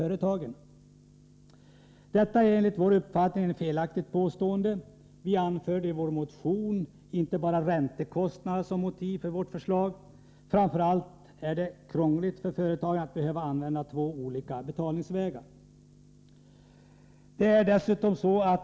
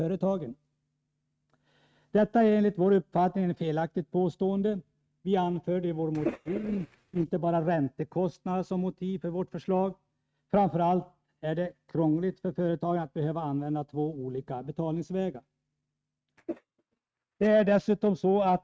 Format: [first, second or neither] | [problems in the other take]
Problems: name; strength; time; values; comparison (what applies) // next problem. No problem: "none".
first | noise reduction (neural mask model RNNoise)